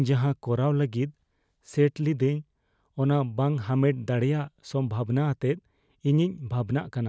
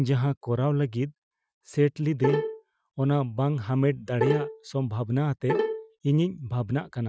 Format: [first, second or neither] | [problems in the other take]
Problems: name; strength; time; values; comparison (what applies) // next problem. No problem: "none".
first | noise reduction (classical method Wiener filter)